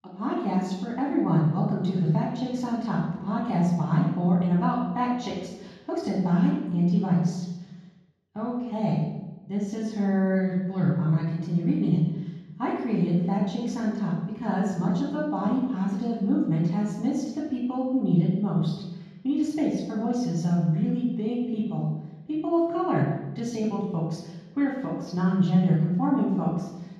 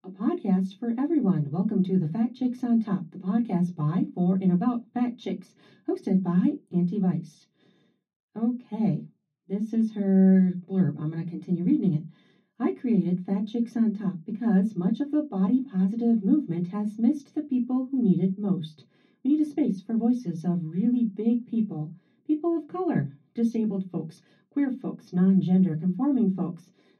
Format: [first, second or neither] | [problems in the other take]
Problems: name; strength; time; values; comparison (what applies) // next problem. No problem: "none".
second | room echo; strong; dies away in 1.3 s; slight in the second // off-mic speech; far; far in the second